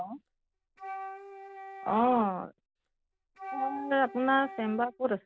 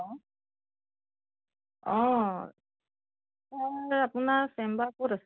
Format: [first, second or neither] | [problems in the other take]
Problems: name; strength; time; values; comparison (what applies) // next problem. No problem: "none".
second | background sound (Wind instrument, woodwind instrument); 13 dB below the speech